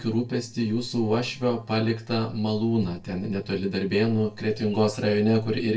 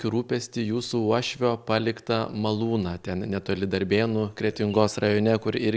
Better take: second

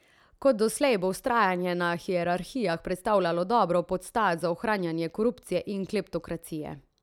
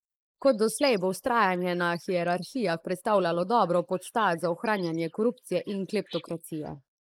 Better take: first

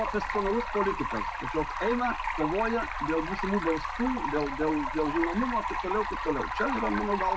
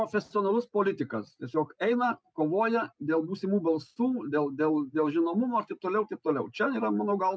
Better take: second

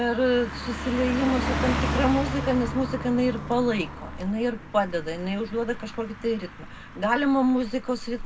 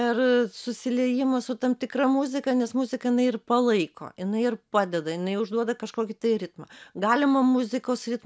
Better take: second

